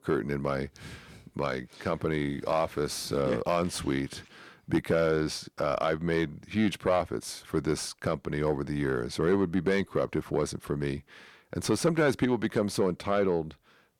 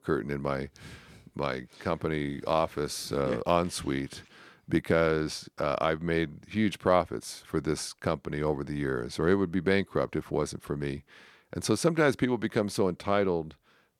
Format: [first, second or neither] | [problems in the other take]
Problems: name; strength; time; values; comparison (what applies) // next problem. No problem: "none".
second | distortion; slight; 10 dB below the speech